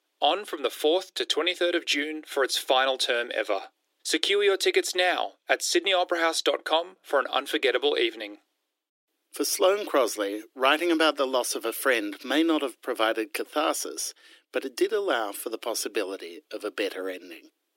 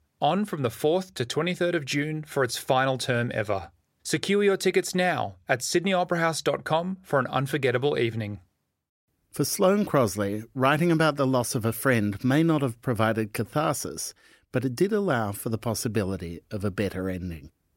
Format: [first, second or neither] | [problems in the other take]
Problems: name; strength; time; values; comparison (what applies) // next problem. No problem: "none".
second | thin; somewhat; fading below 300 Hz